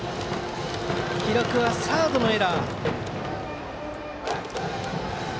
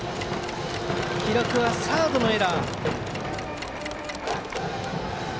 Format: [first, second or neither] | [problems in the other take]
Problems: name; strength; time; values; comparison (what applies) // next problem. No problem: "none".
first | background sound (Mechanisms); 14 dB below the speech